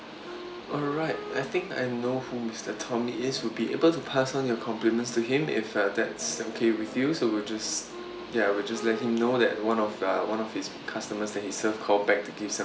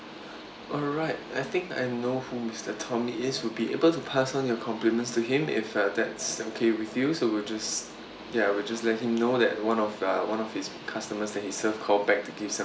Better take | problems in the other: second | background sound (Wind instrument, woodwind instrument); 17 dB below the speech

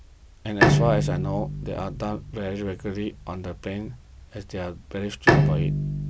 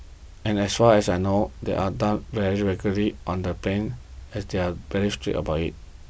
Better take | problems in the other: second | background sound (Bowed string instrument); 5 dB above the speech

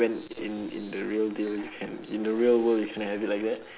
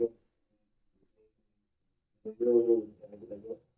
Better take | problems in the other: first | noise reduction (neural mask model DeepFilterNet 3)

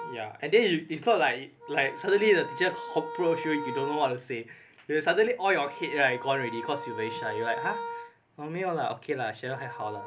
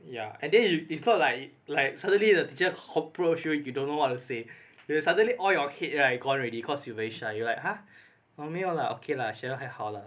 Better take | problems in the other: second | background sound (Wind instrument, woodwind instrument); 12 dB below the speech

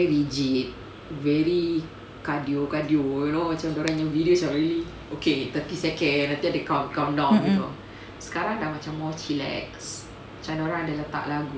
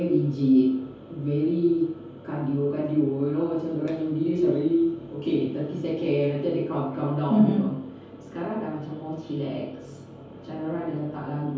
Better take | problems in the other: first | room echo; dies away in 0.7 s

